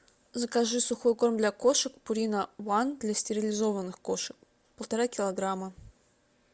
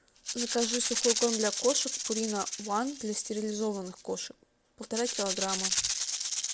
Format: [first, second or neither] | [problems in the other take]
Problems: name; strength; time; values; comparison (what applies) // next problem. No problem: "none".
first | background sound (Rattle (instrument)); 2 dB below the speech